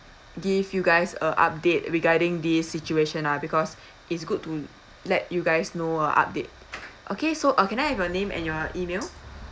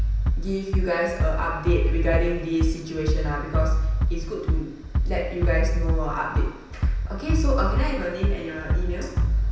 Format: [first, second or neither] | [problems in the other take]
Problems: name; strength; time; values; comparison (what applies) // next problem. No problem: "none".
first | background sound (Bass drum); 5 dB above the speech // room echo; dies away in 0.9 s